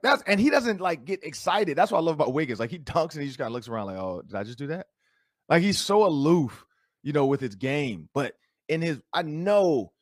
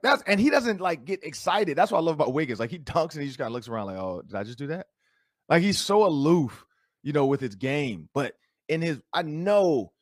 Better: neither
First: none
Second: none

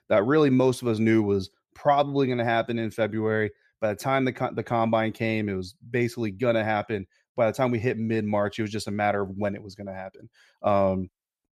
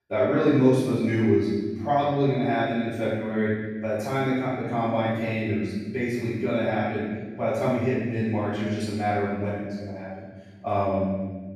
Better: first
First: none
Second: off-mic speech; far // room echo; strong; dies away in 1.4 s

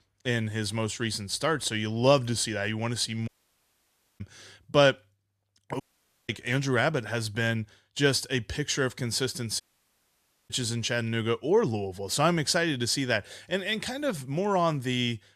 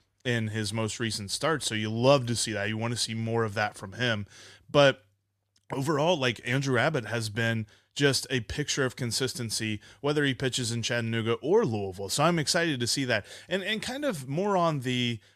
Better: second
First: audio cutting out; at 3.5 s for 1 s, at 6 s and at 9.5 s for 1 s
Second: none

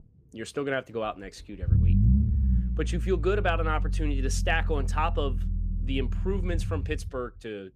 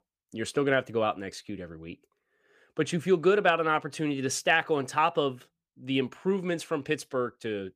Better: second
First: low rumble; noticeable; throughout; 10 dB below the speech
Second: none

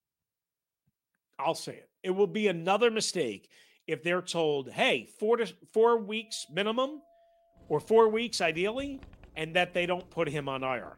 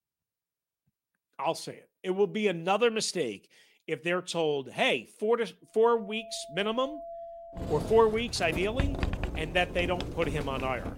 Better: first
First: household noises; faint; from 6.5 s on; 30 dB below the speech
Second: household noises; loud; from 6.5 s on; 8 dB below the speech

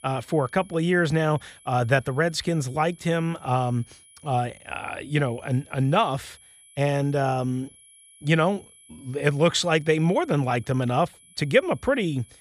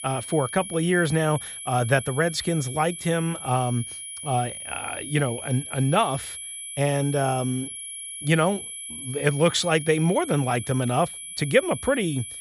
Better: first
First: high-pitched whine; faint; throughout; 11 kHz, 25 dB below the speech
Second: high-pitched whine; loud; throughout; 11 kHz, 9 dB below the speech

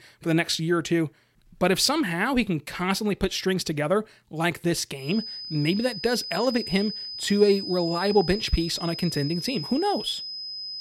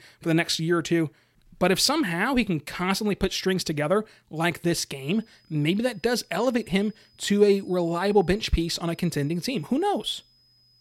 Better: second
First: high-pitched whine; loud; from 5 s on; 5 kHz, 8 dB below the speech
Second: high-pitched whine; faint; from 5 s on; 5 kHz, 35 dB below the speech

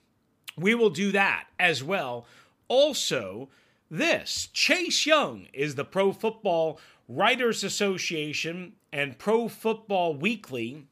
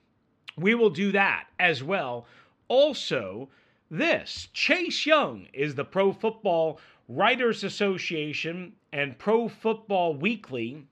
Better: first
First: none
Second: muffled; very slightly; fading above 3.5 kHz

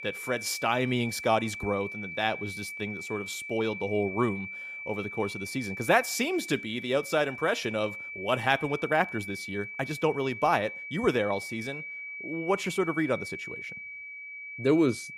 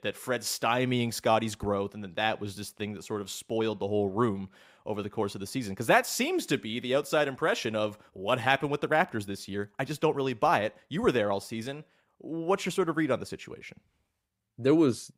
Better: second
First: high-pitched whine; loud; throughout; 2.5 kHz, 8 dB below the speech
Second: none

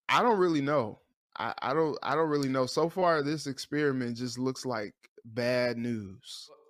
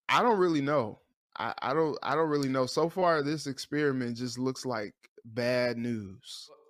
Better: neither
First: none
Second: none

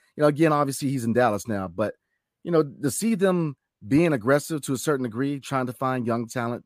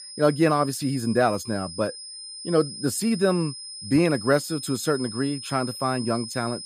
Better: first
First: none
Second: high-pitched whine; noticeable; throughout; 5 kHz, 10 dB below the speech

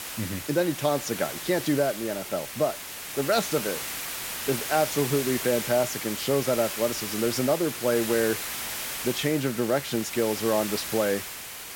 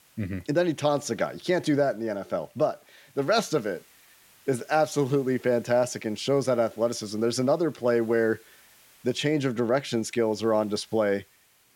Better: second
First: hiss; loud; throughout; 5 dB below the speech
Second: hiss; faint; throughout; 30 dB below the speech

